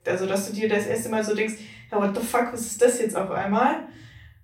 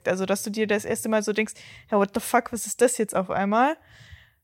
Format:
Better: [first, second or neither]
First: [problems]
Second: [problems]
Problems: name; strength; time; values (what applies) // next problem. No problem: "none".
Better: second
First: off-mic speech; far // room echo; slight; dies away in 0.4 s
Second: none